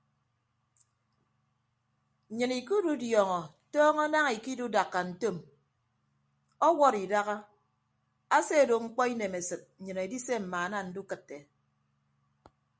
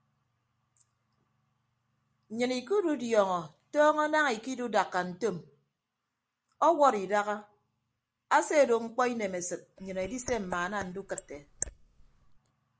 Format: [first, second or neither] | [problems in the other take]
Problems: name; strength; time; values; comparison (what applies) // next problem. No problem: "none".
first | noise reduction (neural mask model Resemble Enhance denoiser)